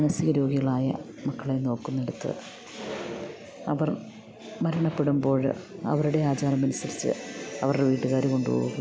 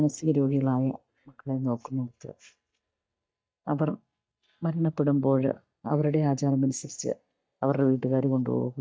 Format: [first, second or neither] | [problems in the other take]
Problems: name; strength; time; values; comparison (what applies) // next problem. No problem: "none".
first | noise reduction (neural mask model DeepFilterNet 3)